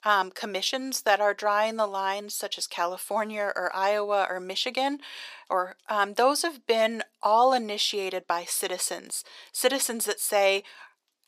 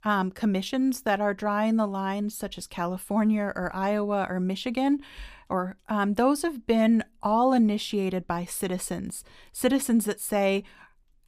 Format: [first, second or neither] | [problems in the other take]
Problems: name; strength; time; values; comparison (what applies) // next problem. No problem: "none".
second | thin; very; fading below 450 Hz